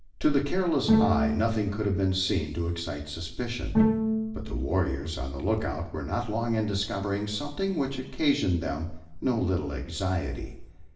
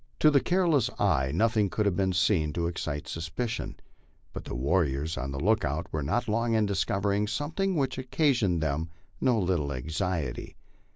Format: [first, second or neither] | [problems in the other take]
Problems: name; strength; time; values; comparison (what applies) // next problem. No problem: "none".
second | background sound (Bowed string instrument); 2 dB below the speech // room echo; dies away in 0.9 s